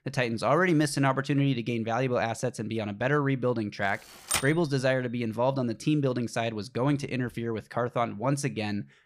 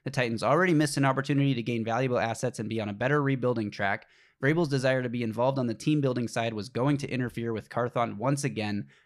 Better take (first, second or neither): second